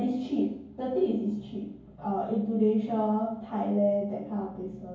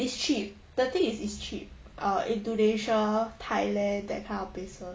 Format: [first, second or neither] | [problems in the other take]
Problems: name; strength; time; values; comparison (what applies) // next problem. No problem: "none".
second | room echo; dies away in 0.9 s